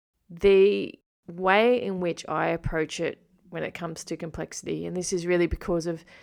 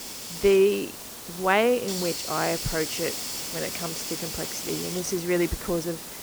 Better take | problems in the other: first | hiss; loud; throughout; 5 dB below the speech

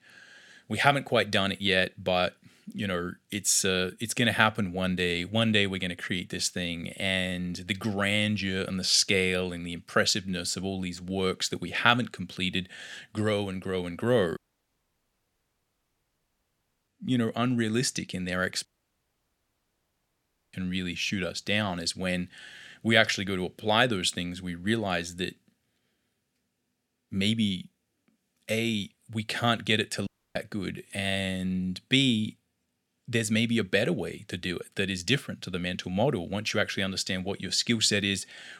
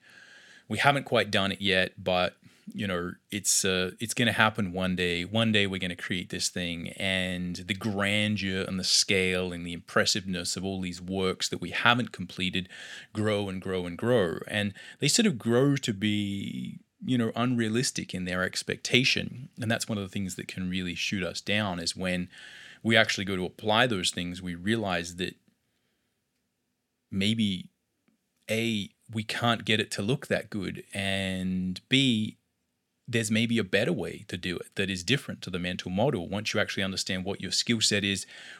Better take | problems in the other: second | audio cutting out; at 14 s for 2.5 s, at 19 s for 2 s and at 30 s

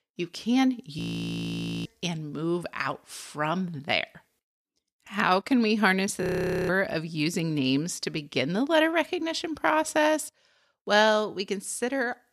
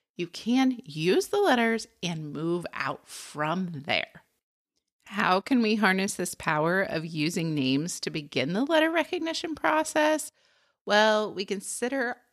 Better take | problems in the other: second | audio freezing; at 1 s for 1 s and at 6 s

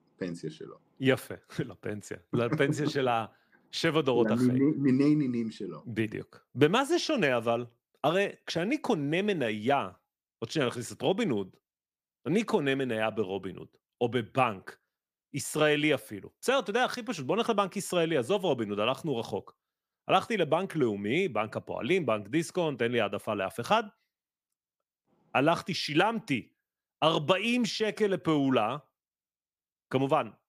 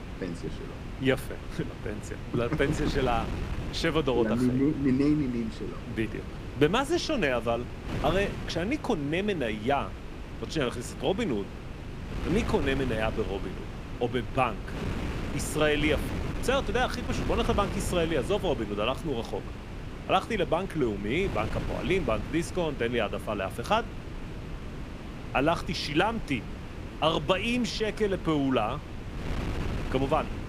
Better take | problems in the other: first | wind noise on the microphone; occasional gusts; 10 dB below the speech

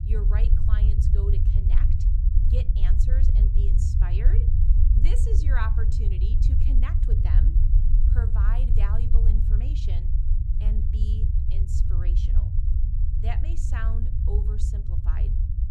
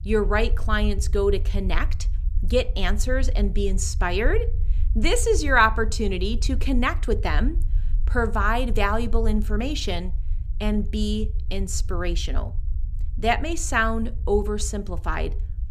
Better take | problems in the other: second | low rumble; loud; throughout; 1 dB below the speech; faint in the second

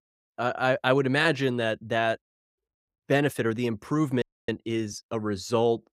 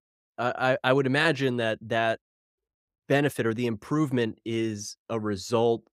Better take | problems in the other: second | audio freezing; at 4 s

